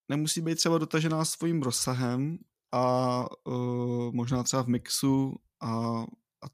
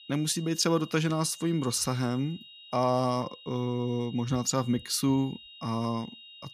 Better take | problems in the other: first | high-pitched whine; noticeable; throughout; 3 kHz, 20 dB below the speech

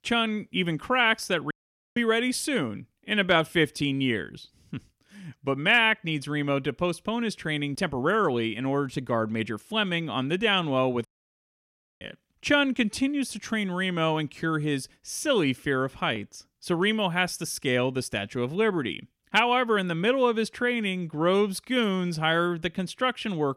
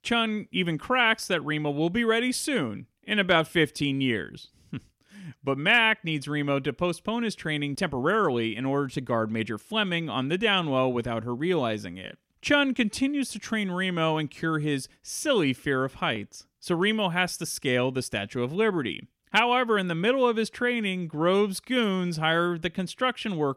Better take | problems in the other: second | audio cutting out; at 1.5 s and at 11 s for 1 s

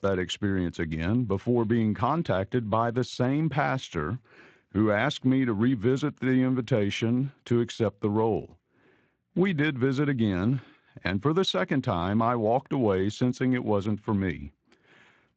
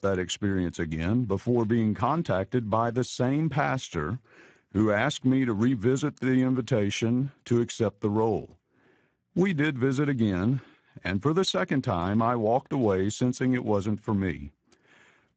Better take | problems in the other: first | garbled, watery; badly; nothing above 7.5 kHz; slightly in the first

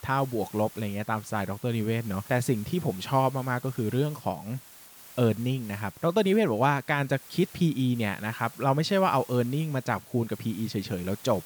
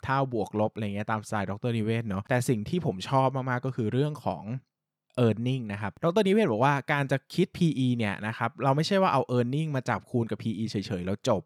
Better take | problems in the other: second | hiss; noticeable; throughout; 20 dB below the speech

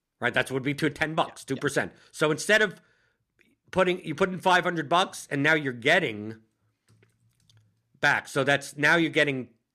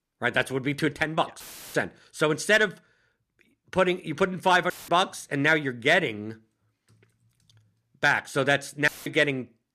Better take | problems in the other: first | audio cutting out; filled with static; at 1.5 s, at 4.5 s and at 9 s

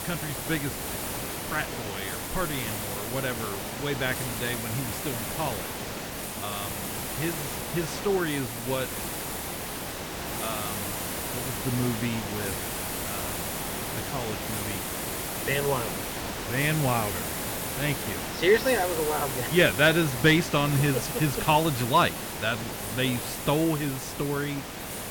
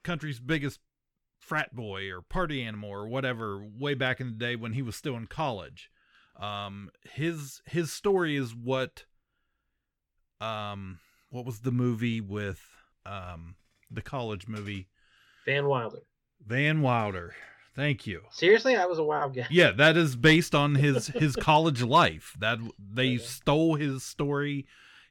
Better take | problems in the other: second | hiss; loud; throughout; 4 dB below the speech

